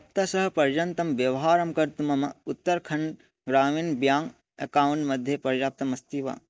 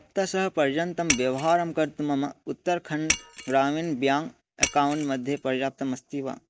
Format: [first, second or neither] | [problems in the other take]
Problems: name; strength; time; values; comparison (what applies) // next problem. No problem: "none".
first | background sound (Shatter); 6 dB below the speech